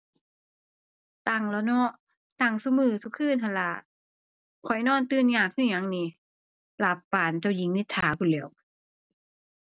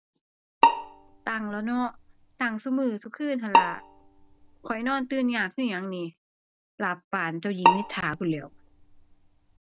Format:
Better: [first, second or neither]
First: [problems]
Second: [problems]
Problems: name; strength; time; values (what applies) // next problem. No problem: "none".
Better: first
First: none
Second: background sound (Bowed string instrument); 3 dB above the speech